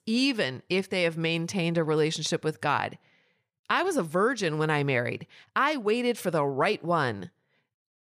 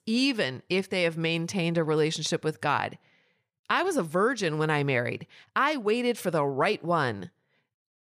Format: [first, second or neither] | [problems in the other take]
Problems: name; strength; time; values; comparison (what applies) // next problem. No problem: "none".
neither | none